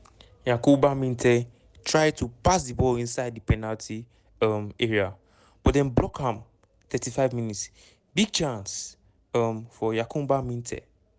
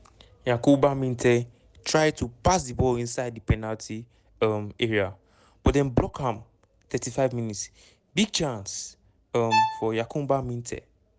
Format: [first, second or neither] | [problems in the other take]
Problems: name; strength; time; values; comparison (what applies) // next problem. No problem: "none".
first | background sound (Bowed string instrument); 2 dB below the speech